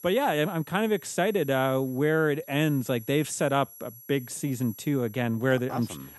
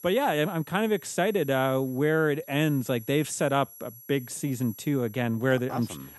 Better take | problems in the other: neither | high-pitched whine; noticeable; throughout; 11.5 kHz, 20 dB below the speech; the same in both

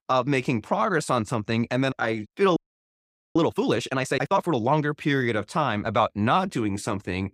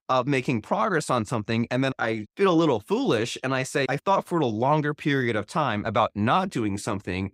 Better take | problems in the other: second | audio freezing; at 2.5 s for 1 s

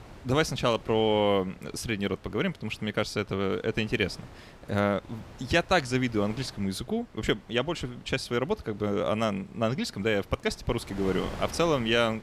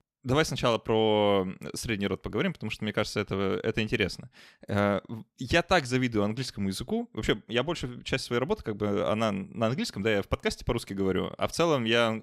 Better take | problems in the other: second | wind noise on the microphone; occasional gusts; 20 dB below the speech

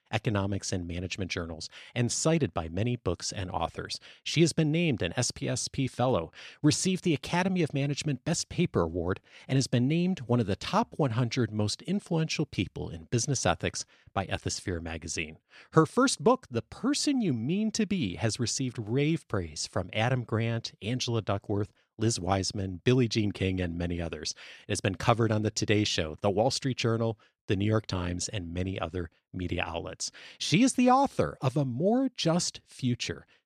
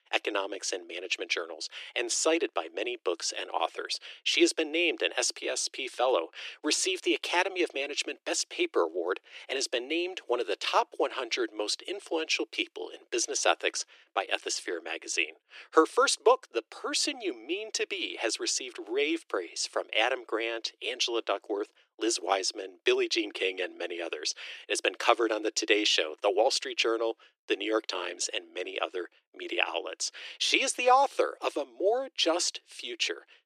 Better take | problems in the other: first | thin; very; fading below 350 Hz

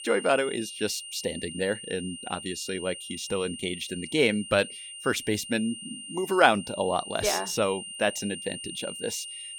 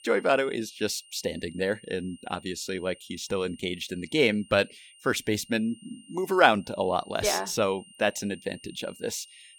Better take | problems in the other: second | high-pitched whine; loud; throughout; 3 kHz, 10 dB below the speech; faint in the second

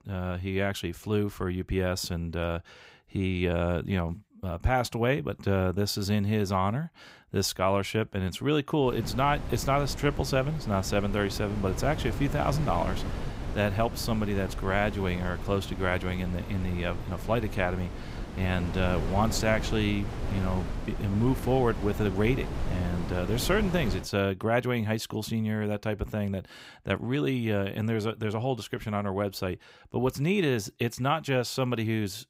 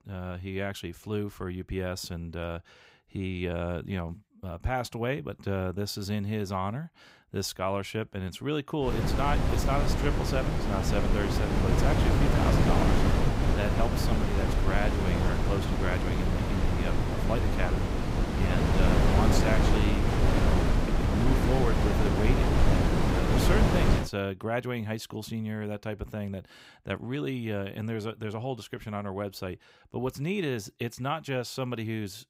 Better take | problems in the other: first | wind noise on the microphone; heavy; from 9 to 24 s; 3 dB above the speech; occasional gusts in the first

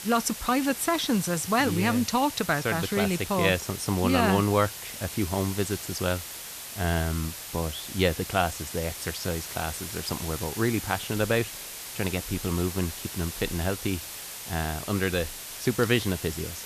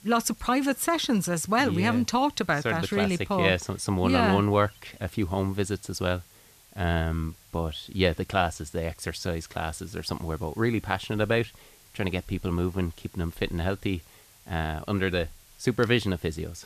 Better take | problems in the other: second | hiss; loud; throughout; 8 dB below the speech; faint in the second

